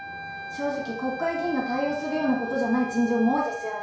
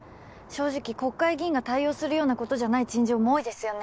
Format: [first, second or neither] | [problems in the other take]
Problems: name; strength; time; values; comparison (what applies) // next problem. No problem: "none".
second | background sound (Wind instrument, woodwind instrument); 9 dB below the speech // room echo; dies away in 0.6 s